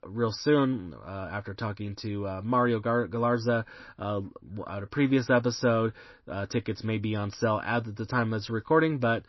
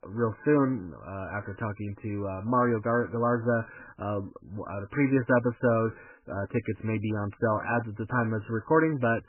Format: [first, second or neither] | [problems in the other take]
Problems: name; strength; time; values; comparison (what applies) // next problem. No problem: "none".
first | garbled, watery; badly; nothing above 2.5 kHz; slightly in the first